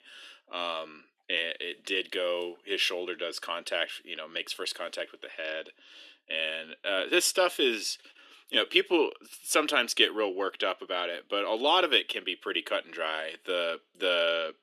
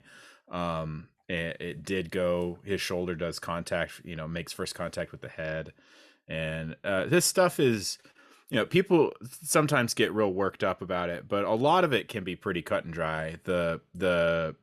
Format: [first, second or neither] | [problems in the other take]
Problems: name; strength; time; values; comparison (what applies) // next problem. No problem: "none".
second | thin; somewhat; fading below 300 Hz